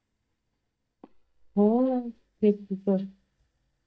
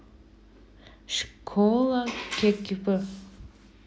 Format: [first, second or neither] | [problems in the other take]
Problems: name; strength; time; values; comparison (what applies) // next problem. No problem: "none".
second | noise reduction (neural mask model DeepFilterNet 3)